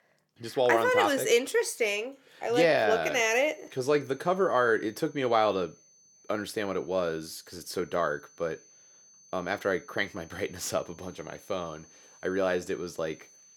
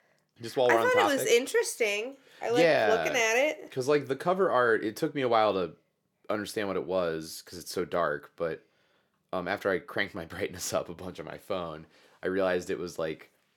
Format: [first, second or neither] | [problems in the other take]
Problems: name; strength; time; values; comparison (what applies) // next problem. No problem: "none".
second | high-pitched whine; faint; from 3.5 s on; 6 kHz, 25 dB below the speech